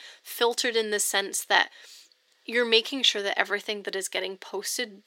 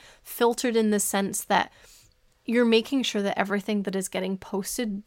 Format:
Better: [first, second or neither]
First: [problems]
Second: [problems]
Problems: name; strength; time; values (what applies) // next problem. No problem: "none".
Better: second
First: thin; somewhat; fading below 350 Hz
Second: none